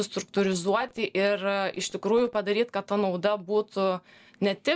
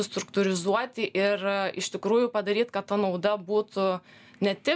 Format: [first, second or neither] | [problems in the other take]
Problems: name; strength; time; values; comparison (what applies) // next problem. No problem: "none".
second | noise reduction (neural separator model SepFormer DNS4)